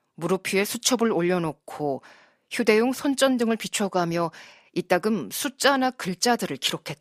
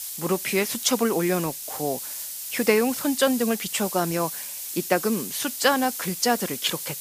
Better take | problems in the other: first | hiss; loud; throughout; 6 dB below the speech

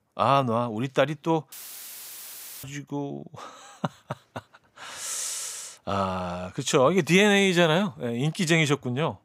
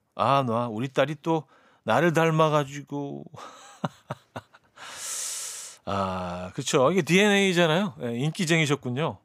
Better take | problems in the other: second | audio cutting out; filled with static; at 1.5 s for 1 s

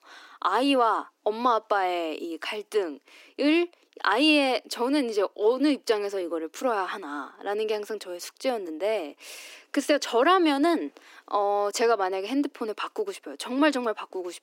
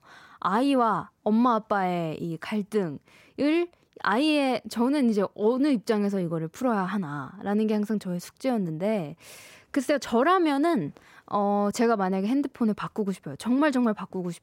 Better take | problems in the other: second | thin; very slightly; fading below 300 Hz

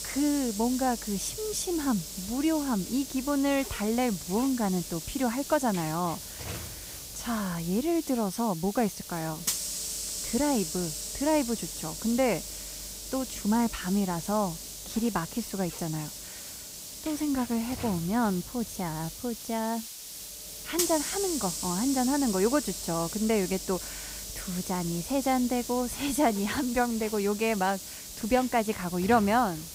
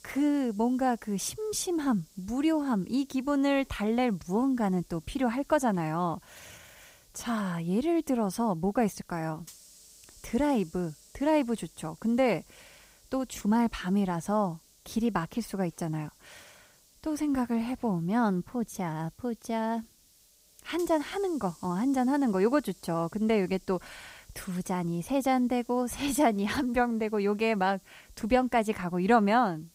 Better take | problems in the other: second | hiss; loud; throughout; 7 dB below the speech; faint in the second

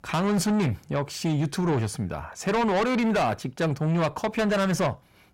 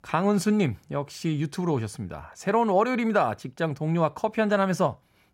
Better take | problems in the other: second | distortion; heavy; 7 dB below the speech

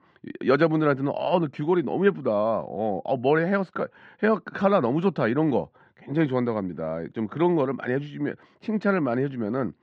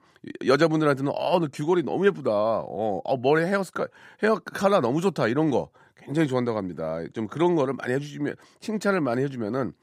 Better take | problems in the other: second | muffled; slightly; fading above 3 kHz

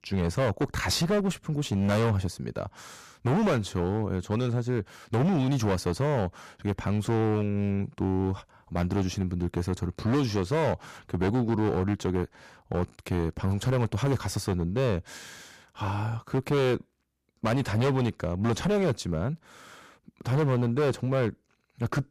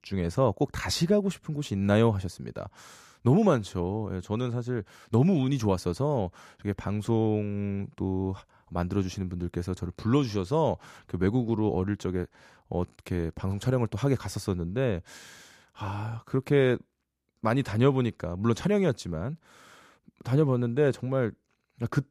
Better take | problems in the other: second | distortion; heavy; 15% of the sound clipped

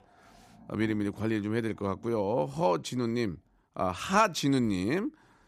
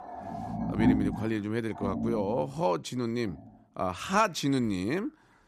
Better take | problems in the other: first | animal sounds; loud; throughout; 1 dB below the speech; faint in the first

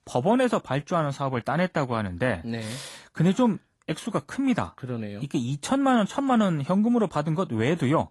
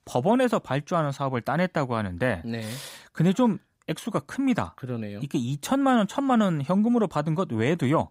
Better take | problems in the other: second | garbled, watery; slightly; nothing above 11.5 kHz

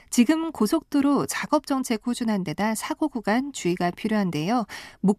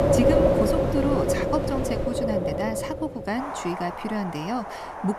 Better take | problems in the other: first | wind in the background; very loud; throughout; 4 dB above the speech

